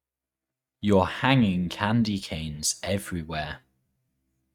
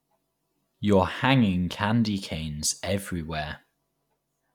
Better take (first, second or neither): second